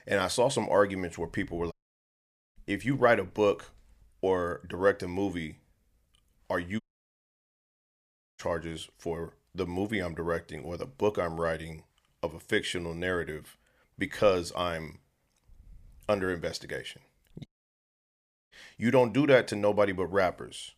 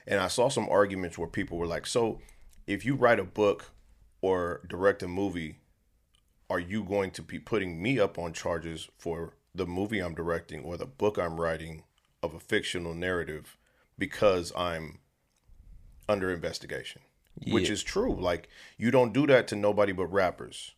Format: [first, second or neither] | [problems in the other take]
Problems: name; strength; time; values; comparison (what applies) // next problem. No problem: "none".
second | audio cutting out; at 1.5 s for 1 s, at 7 s for 1.5 s and at 17 s for 1 s